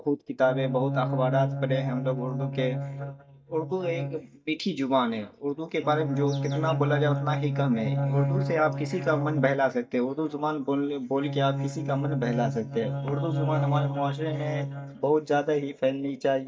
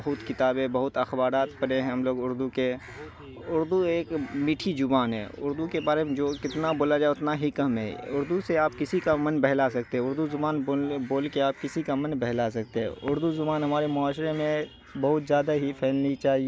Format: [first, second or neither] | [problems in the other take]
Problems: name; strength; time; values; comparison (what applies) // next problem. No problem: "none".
second | noise reduction (neural mask model DeepFilterNet 3)